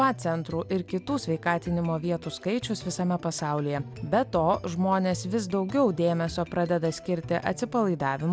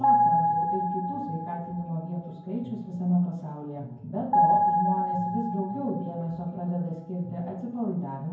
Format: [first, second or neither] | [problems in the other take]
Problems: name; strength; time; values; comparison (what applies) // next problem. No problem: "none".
first | background sound (Piano); 3 dB above the speech // room echo; dies away in 0.9 s